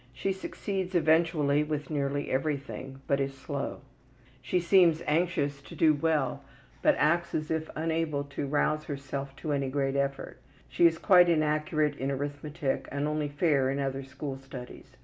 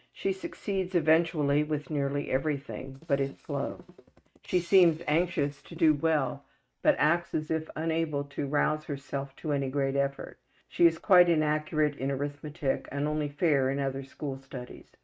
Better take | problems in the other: first | noise reduction (neural mask model RNNoise)

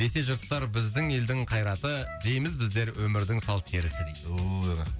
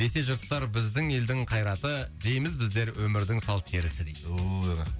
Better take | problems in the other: second | background sound (Wind instrument, woodwind instrument); 19 dB below the speech

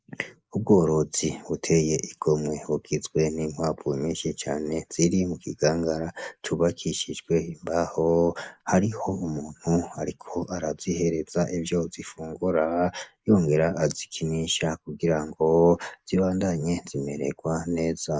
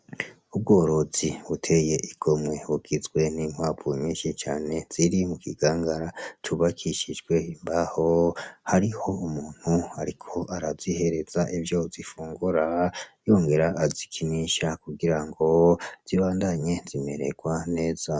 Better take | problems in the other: second | noise reduction (neural mask model Resemble Enhance denoiser)

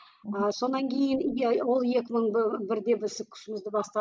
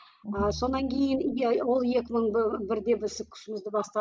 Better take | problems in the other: first | background sound (Bowed string instrument); 18 dB below the speech

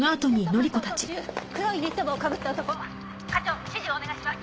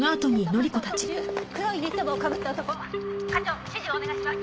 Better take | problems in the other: first | background sound (Telephone); 6 dB below the speech

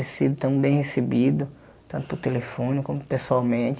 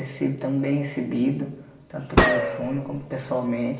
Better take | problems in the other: first | background sound (Gunshot, gunfire); 3 dB above the speech // room echo; dies away in 1 s

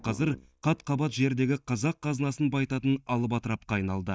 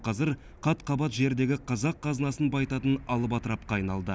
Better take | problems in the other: second | noise reduction (neural mask model DeepFilterNet 3)

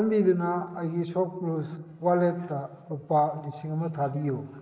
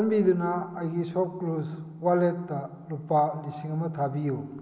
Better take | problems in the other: second | noise reduction (neural mask model Resemble Enhance denoiser)

